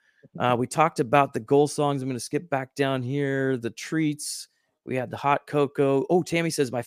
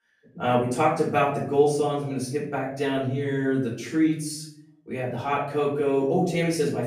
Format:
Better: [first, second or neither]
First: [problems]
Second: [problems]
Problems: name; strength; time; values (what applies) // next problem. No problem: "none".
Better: first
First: none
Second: off-mic speech; far // room echo; noticeable; dies away in 0.7 s